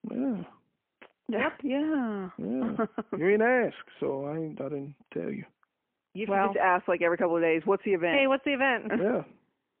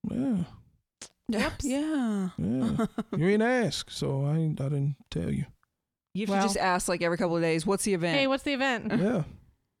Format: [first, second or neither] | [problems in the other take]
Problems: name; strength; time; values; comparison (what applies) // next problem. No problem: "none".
second | phone-call audio; poor line; nothing above 3 kHz